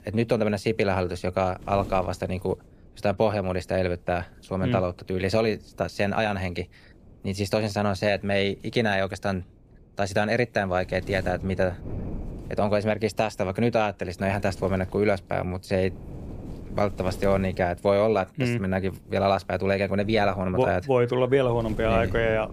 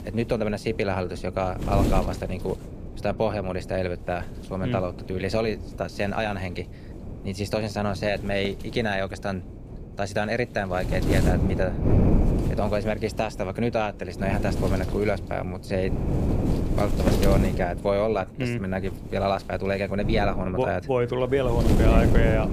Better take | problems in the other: first | wind noise on the microphone; heavy; 6 dB below the speech; occasional gusts in the first

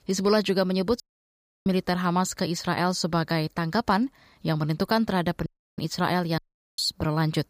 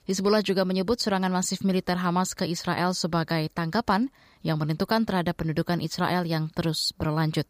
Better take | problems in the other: second | audio cutting out; at 1 s for 0.5 s, at 5.5 s and at 6.5 s

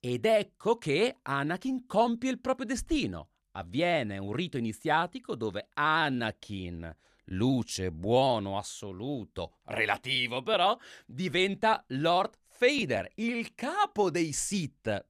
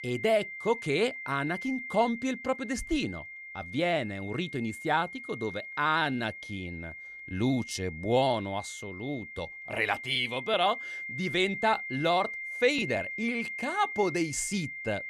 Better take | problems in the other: first | high-pitched whine; loud; throughout; 2 kHz, 8 dB below the speech

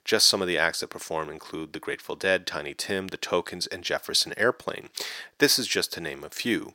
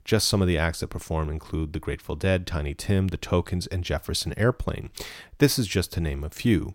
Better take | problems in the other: second | thin; somewhat; fading below 400 Hz

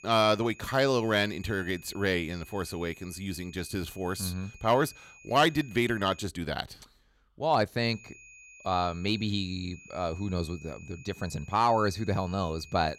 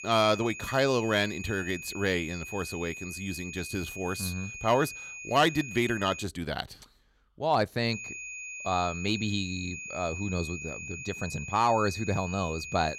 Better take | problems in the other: first | high-pitched whine; loud; until 6 s and from 8 s on; 2.5 kHz, 9 dB below the speech; faint in the first

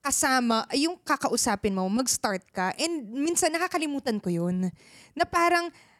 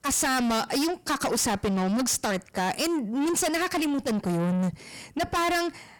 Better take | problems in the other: first | distortion; heavy; 6 dB below the speech

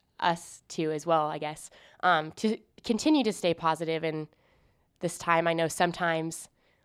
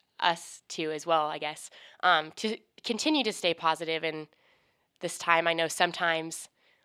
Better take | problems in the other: first | thin; very slightly; fading below 400 Hz

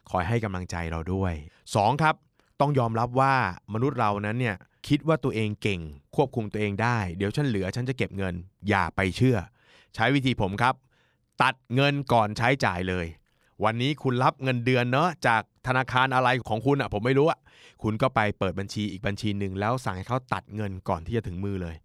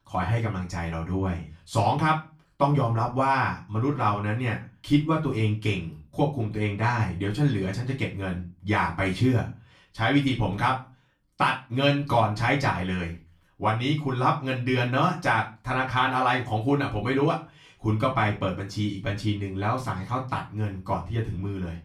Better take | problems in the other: first | off-mic speech; far // room echo; very slight; dies away in 0.3 s

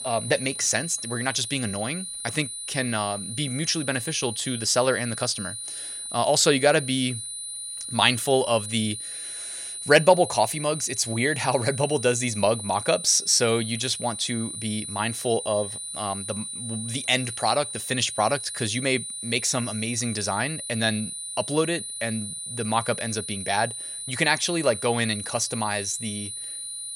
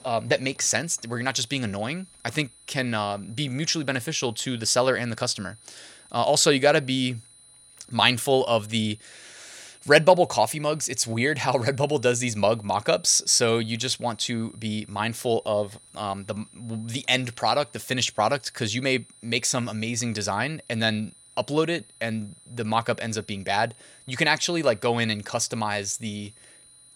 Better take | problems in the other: second | high-pitched whine; loud; throughout; 9.5 kHz, 7 dB below the speech; faint in the second

